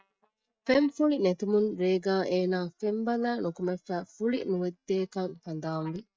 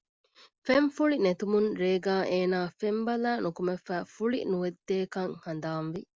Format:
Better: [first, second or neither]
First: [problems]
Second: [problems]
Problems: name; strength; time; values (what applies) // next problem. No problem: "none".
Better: second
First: noise reduction (neural mask model DeepFilterNet 3)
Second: none